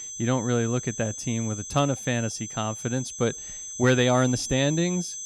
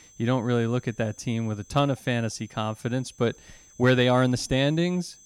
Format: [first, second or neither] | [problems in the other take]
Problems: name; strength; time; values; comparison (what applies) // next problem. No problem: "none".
second | high-pitched whine; loud; throughout; 6 kHz, 8 dB below the speech; faint in the second